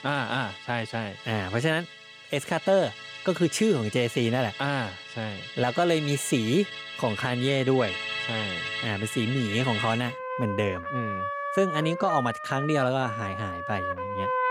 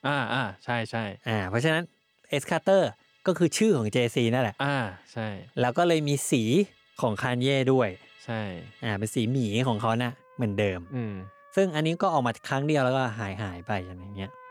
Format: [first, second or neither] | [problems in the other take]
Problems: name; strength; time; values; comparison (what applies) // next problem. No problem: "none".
second | background music; loud; throughout; 6 dB below the speech; faint in the second